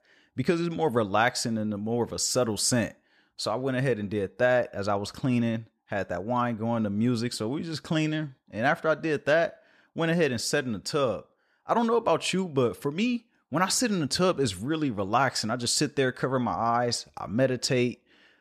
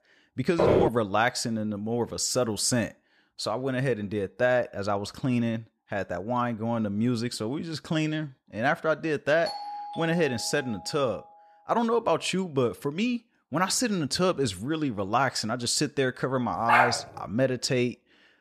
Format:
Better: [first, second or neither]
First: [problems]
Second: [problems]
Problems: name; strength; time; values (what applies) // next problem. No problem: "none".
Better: first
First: none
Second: footsteps; loud; at 0.5 s; peak 5 dB above the speech // doorbell; noticeable; from 9.5 to 11 s; peak 8 dB below the speech // dog barking; loud; at 17 s; peak 5 dB above the speech